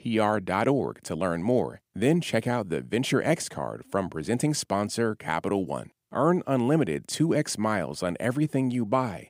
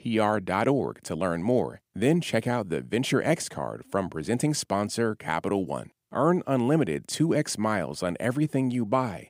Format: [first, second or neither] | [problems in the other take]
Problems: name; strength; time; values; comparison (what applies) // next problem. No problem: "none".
neither | none